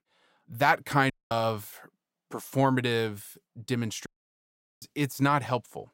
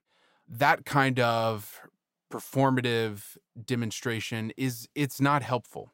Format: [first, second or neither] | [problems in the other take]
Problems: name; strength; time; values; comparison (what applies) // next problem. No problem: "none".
second | audio cutting out; at 1 s and at 4 s for 1 s